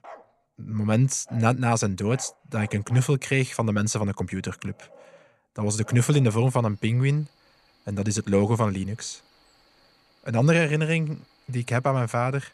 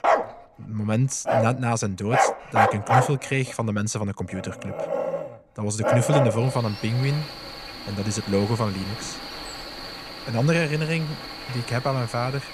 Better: first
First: animal sounds; faint; throughout; 25 dB below the speech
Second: animal sounds; loud; throughout; 2 dB below the speech

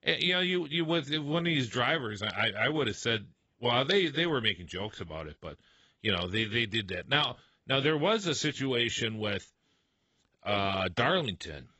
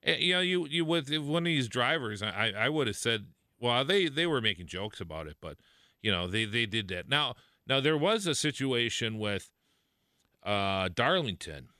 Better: second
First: garbled, watery; badly; nothing above 7.5 kHz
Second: none

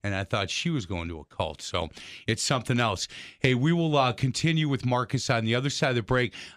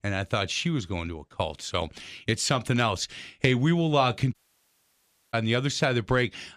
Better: first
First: none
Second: audio cutting out; at 4.5 s for 1 s

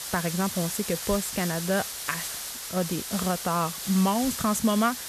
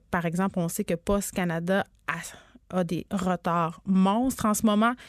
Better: second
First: hiss; loud; throughout; 5 dB below the speech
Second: none

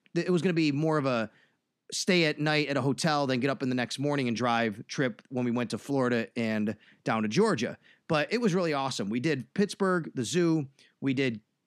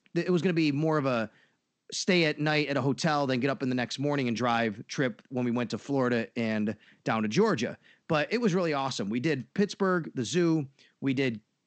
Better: first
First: none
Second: garbled, watery; slightly; nothing above 7.5 kHz

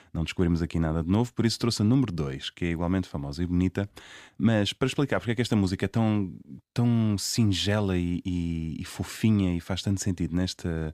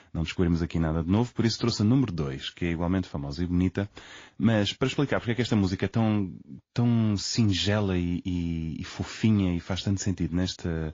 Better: first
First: none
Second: garbled, watery; slightly

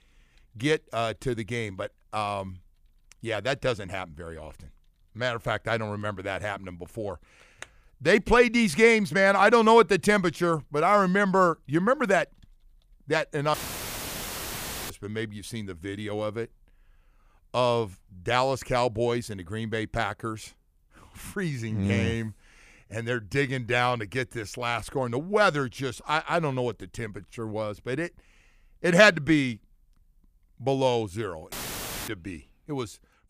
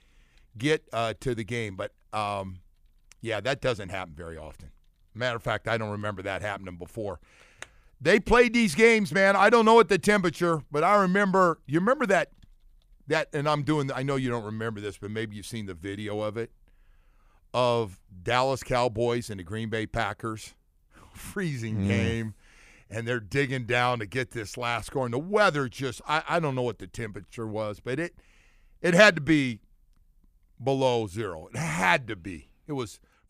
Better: second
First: audio cutting out; filled with static; at 14 s for 1.5 s and at 32 s for 0.5 s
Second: none

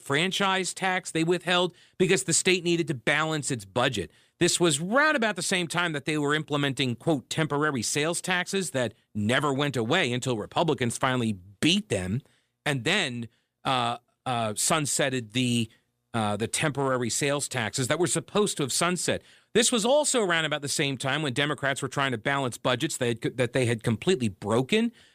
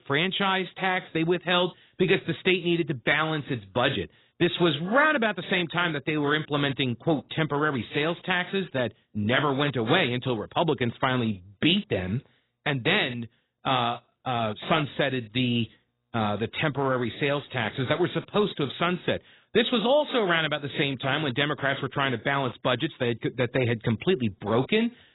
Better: first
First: none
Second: garbled, watery; badly; nothing above 4 kHz

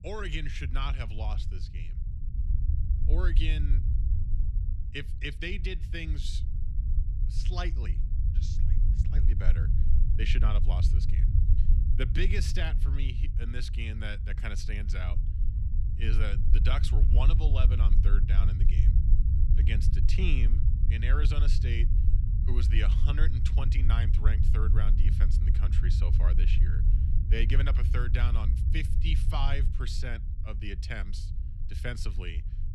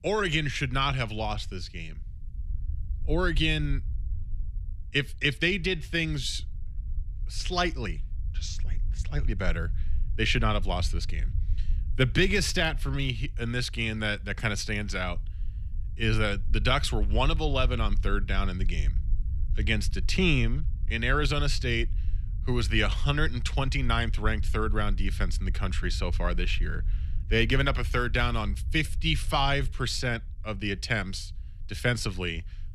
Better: second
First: low rumble; loud; throughout; 8 dB below the speech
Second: low rumble; faint; throughout; 25 dB below the speech

